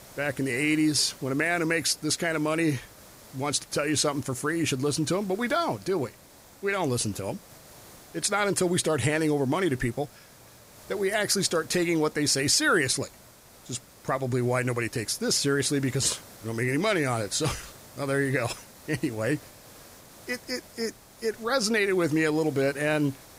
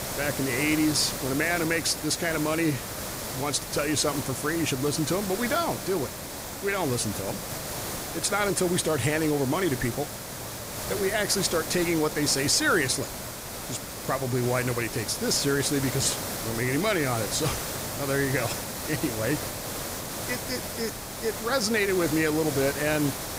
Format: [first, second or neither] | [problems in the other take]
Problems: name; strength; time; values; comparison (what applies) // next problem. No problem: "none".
first | hiss; loud; throughout; 6 dB below the speech; faint in the first